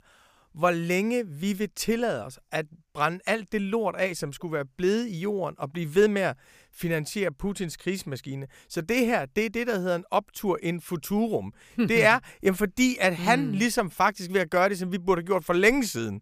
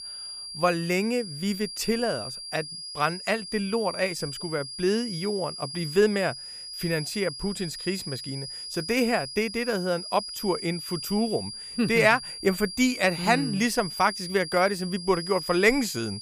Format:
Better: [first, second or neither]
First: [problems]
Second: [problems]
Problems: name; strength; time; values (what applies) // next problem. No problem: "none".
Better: first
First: none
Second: high-pitched whine; loud; throughout; 5 kHz, 8 dB below the speech